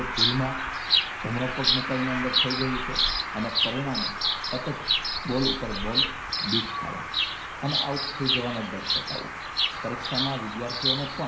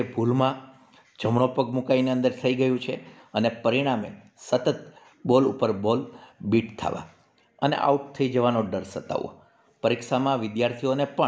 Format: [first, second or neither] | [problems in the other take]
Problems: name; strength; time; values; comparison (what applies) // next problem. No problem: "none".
second | background sound (Bird vocalization, bird call, bird song); 4 dB above the speech // room echo; dies away in 0.5 s